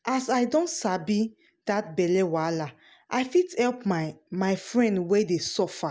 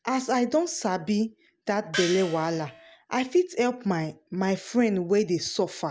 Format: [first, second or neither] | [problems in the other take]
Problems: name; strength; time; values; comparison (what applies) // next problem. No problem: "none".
first | background sound (Gong); 9 dB below the speech